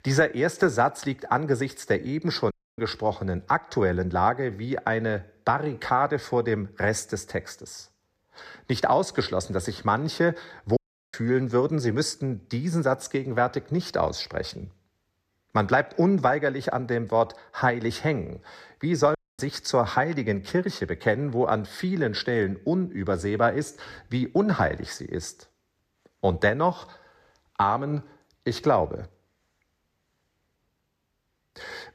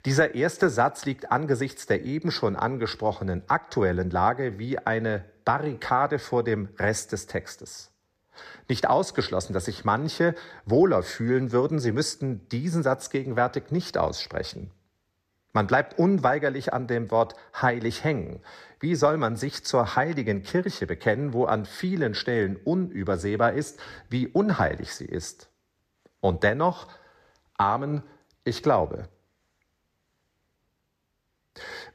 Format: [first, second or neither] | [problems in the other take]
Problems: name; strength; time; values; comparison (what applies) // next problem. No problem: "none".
second | audio cutting out; at 2.5 s, at 11 s and at 19 s